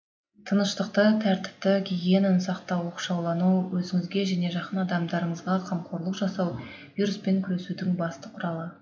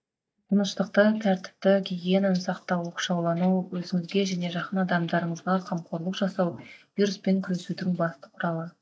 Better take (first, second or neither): first